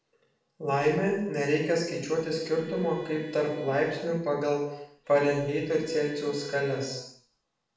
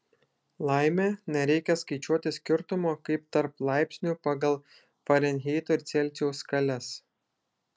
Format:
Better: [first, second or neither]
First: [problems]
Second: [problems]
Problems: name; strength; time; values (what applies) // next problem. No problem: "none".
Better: second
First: background sound (Bowed string instrument); 18 dB below the speech // room echo; dies away in 0.7 s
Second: none